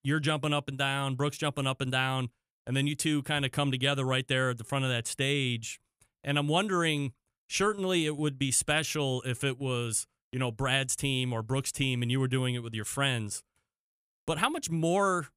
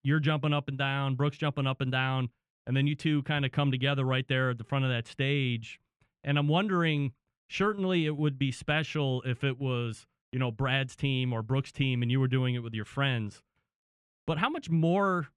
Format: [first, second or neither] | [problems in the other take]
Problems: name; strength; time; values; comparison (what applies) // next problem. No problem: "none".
first | muffled; slightly; fading above 2.5 kHz